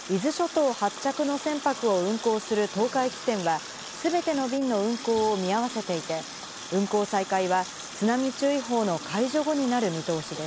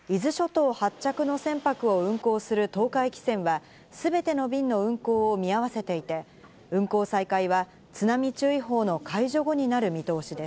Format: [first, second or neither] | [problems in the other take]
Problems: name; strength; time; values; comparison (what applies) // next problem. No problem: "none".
second | background sound (Water tap, faucet); 12 dB below the speech